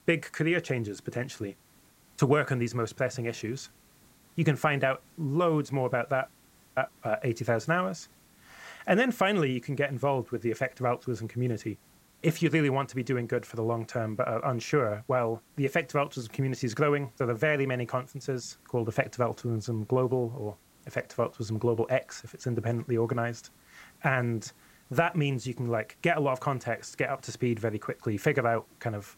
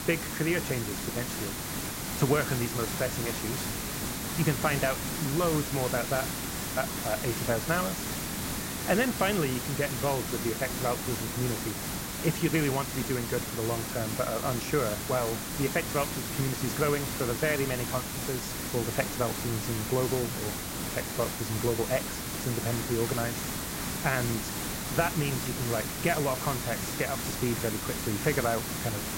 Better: first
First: hiss; faint; throughout; 30 dB below the speech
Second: hiss; loud; throughout; 2 dB below the speech

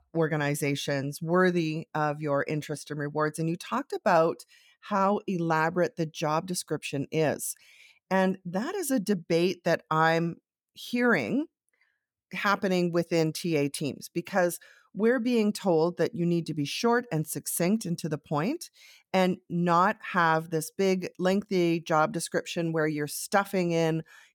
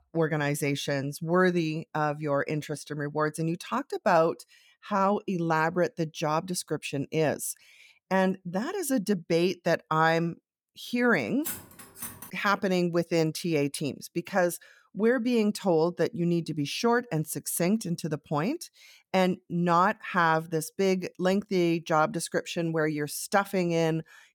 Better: first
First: none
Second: clattering dishes; noticeable; at 11 s; peak 8 dB below the speech

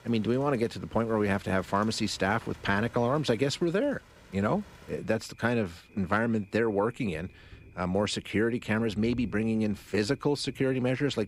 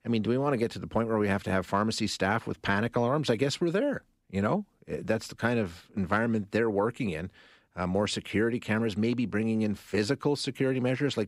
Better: second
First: rain or running water; faint; throughout; 25 dB below the speech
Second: none

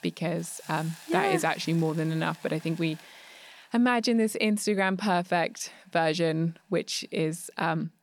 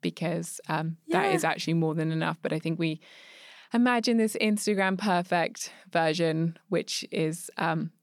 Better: second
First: hiss; faint; throughout; 20 dB below the speech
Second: none

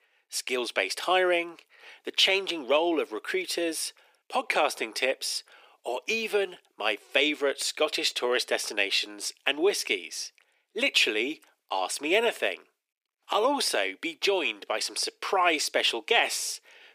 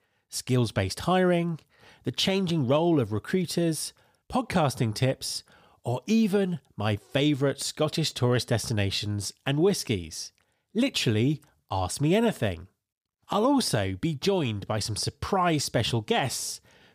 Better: second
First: thin; very; fading below 350 Hz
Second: none

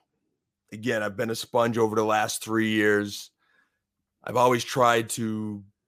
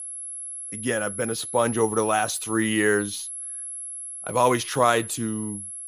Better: first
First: none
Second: high-pitched whine; loud; throughout; 11 kHz, 8 dB below the speech

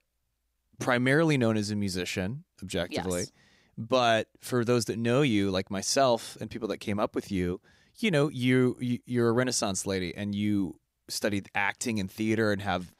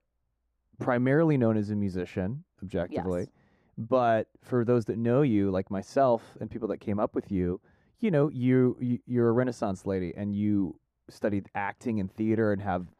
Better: first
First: none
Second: muffled; very; fading above 2 kHz

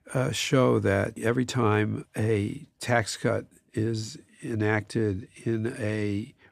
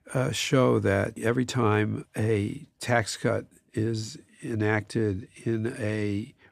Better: neither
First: none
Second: none

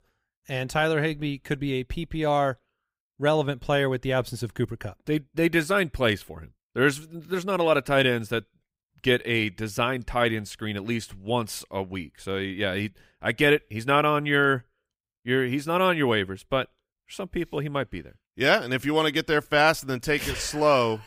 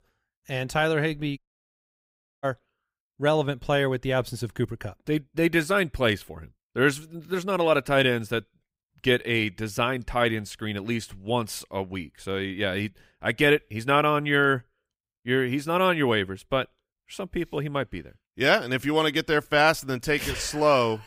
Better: first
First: none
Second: audio cutting out; at 1.5 s for 1 s

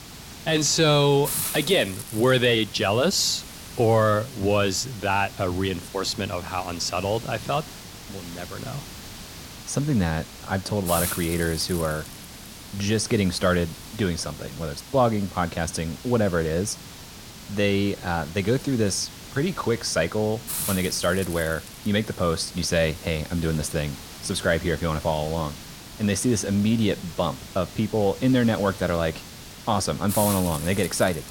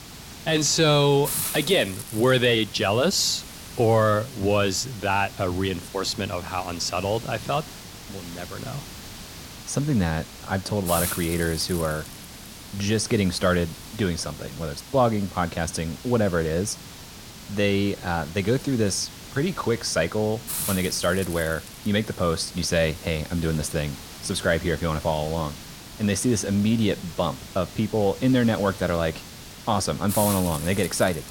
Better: neither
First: hiss; noticeable; throughout; 10 dB below the speech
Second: hiss; noticeable; throughout; 10 dB below the speech

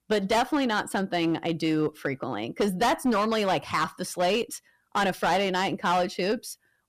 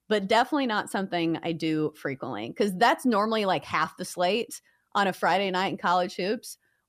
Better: second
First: distortion; slight; 10% of the sound clipped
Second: none

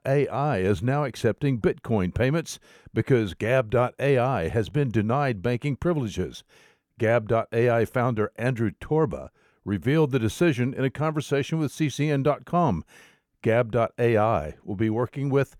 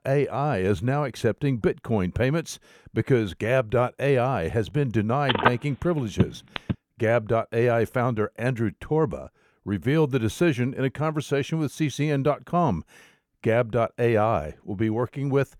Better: first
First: none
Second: phone ringing; loud; from 5.5 to 6.5 s; peak 2 dB above the speech

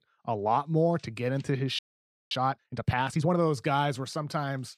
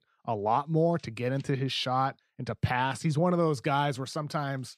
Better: second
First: audio freezing; at 2 s for 0.5 s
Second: none

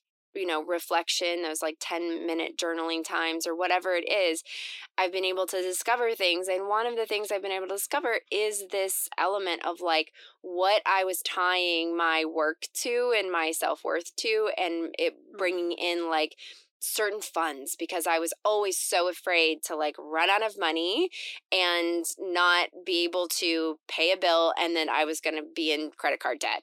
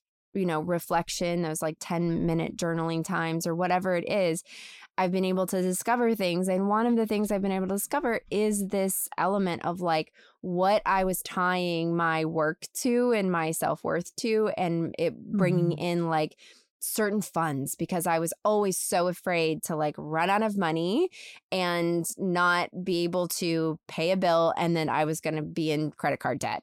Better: second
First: thin; very; fading below 300 Hz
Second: none

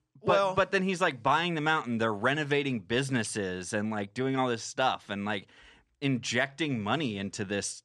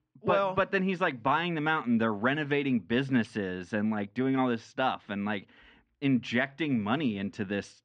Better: first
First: none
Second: muffled; slightly; fading above 2.5 kHz

